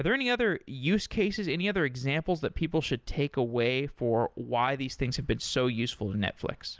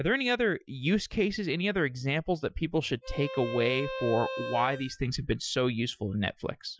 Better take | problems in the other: first | noise reduction (classical method Wiener filter)

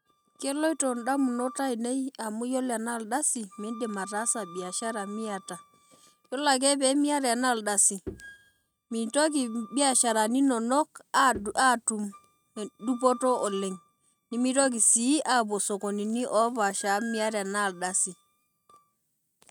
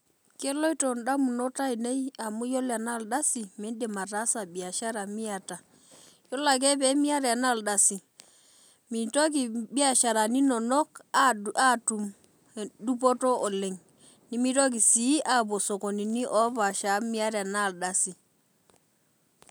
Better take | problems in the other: second | noise reduction (neural mask model RNNoise)

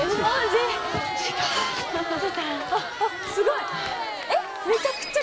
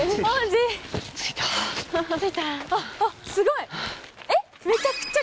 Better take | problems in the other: second | background sound (Crowd); 4 dB below the speech // room echo; dies away in 1.9 s

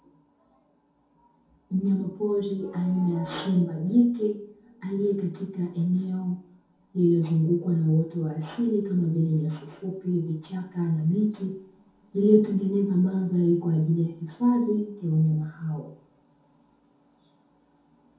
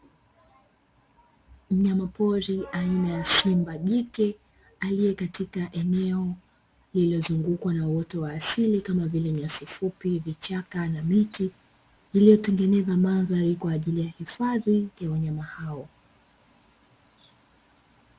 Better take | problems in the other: second | room echo; dies away in 0.6 s

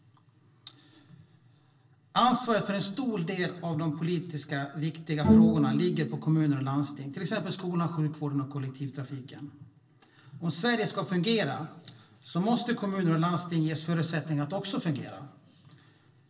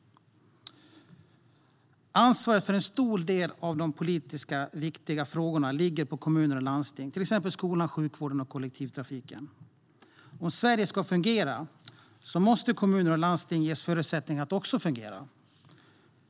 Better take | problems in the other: second | background sound (Bowed string instrument); 3 dB above the speech // room echo; dies away in 0.7 s

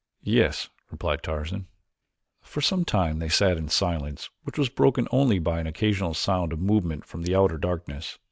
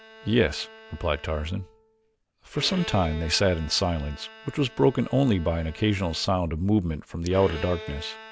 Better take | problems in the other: first | background sound (Bowed string instrument); 17 dB below the speech

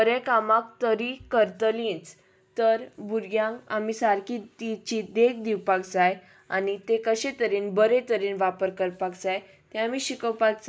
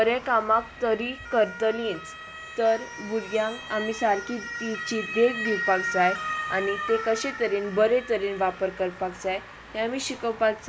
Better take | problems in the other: first | background sound (Motor vehicle (road) / Siren); 9 dB below the speech

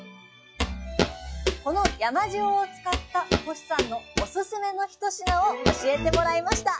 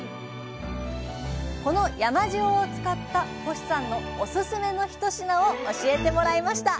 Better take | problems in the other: second | noise reduction (classical method log-MMSE)

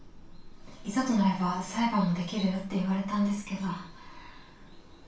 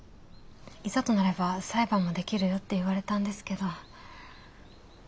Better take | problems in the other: second | room echo; dies away in 0.3 s

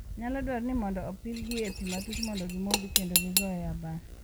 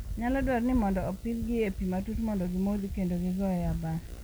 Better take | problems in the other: second | background sound (Cutlery, silverware / Dishes, pots, and pans); 1 dB above the speech

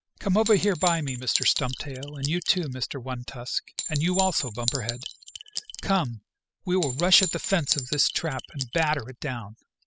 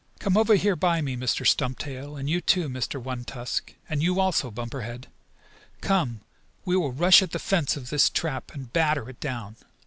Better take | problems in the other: second | noise reduction (classical method spectral subtraction)

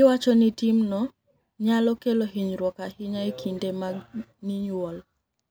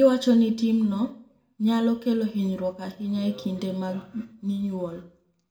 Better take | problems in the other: first | room echo; dies away in 0.4 s

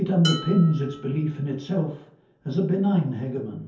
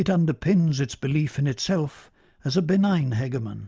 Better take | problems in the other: second | background sound (Dishes, pots, and pans); 15 dB below the speech // room echo; dies away in 0.5 s

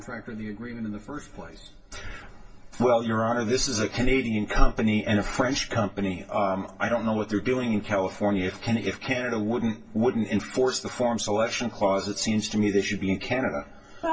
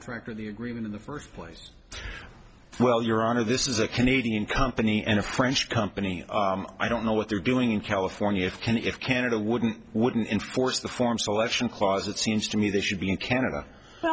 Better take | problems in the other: second | room echo; dies away in 0.2 s

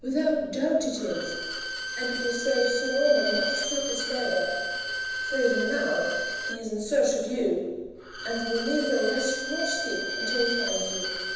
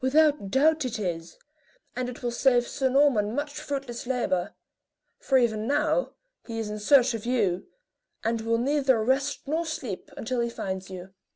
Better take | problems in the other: second | background sound (Bowed string instrument); 4 dB below the speech // room echo; dies away in 1.1 s

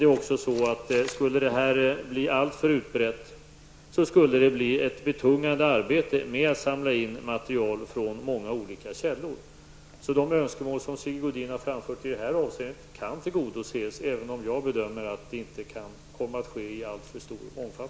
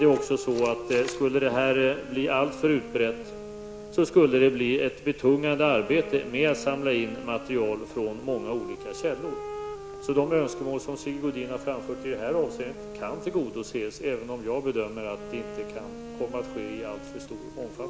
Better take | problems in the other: first | background sound (Wind instrument, woodwind instrument); 13 dB below the speech

